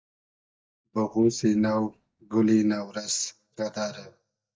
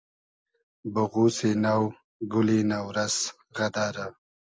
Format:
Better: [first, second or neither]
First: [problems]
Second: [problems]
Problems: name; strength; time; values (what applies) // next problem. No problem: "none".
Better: second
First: noise reduction (neural mask model DeepFilterNet 3)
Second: none